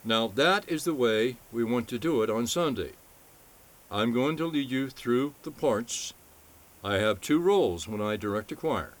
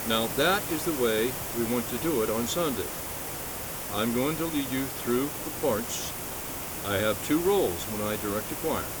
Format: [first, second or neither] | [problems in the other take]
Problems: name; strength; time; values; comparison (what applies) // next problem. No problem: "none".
first | hiss; loud; throughout; 4 dB below the speech; faint in the first